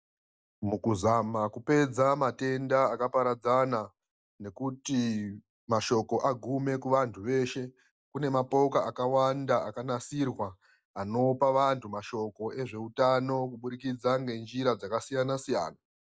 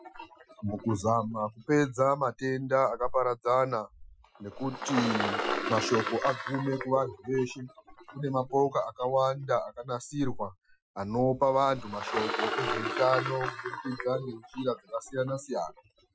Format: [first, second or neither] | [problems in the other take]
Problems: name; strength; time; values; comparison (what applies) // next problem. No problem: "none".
first | noise reduction (classical method Wiener filter)